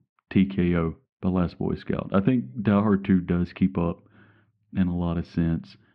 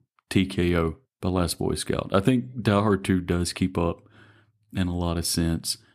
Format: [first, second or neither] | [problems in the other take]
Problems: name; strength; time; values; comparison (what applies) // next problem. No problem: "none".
second | muffled; very; fading above 3 kHz